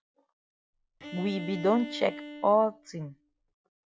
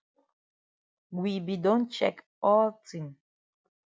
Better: second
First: background sound (Bowed string instrument); 12 dB below the speech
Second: none

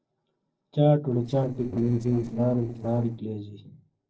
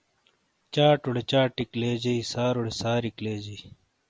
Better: second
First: noise reduction (neural separator model SepFormer DNS4)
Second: none

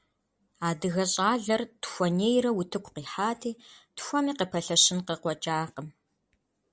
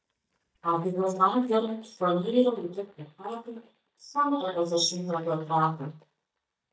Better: first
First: none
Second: noise reduction (neural mask model DeepFilterNet 3)

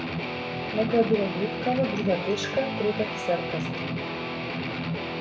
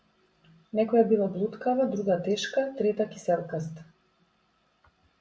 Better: second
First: background sound (Guitar); 2 dB below the speech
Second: none

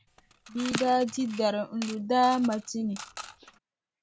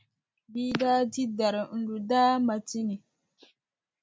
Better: second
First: background sound (Coin (dropping) / Mechanisms); 15 dB below the speech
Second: none

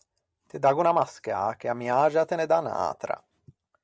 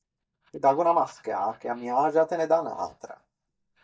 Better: first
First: none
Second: noise reduction (neural mask model DeepFilterNet 3)

